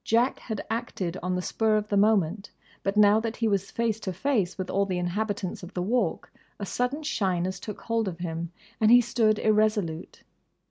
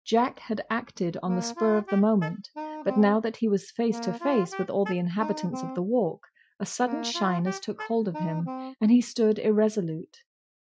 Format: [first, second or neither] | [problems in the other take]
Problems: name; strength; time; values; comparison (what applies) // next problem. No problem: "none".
first | noise reduction (classical method Wiener filter)